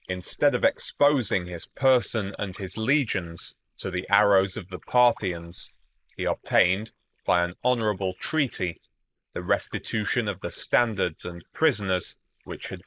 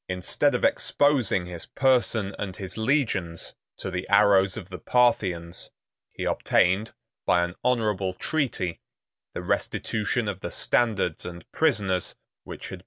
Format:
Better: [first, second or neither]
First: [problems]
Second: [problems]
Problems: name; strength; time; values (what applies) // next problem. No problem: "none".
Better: second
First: noise reduction (neural mask model Resemble Enhance denoiser)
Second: none